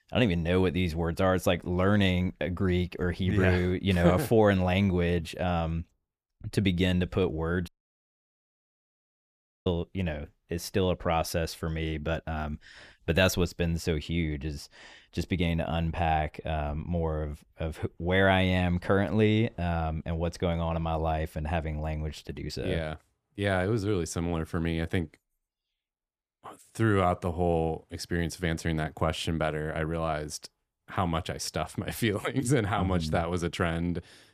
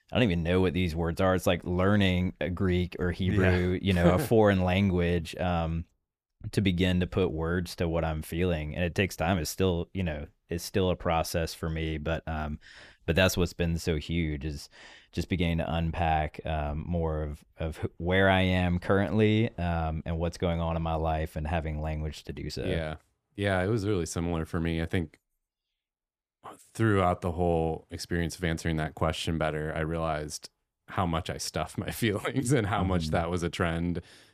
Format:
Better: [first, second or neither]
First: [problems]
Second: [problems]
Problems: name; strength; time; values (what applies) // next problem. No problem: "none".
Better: second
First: audio cutting out; at 7.5 s for 2 s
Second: none